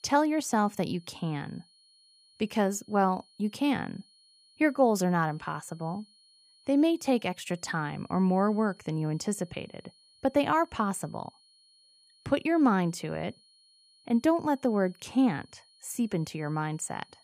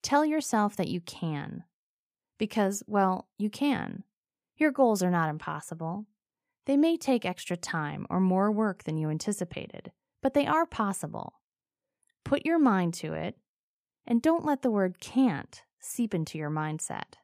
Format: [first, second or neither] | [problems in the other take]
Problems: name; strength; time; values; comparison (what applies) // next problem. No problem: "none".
second | high-pitched whine; faint; throughout; 4.5 kHz, 30 dB below the speech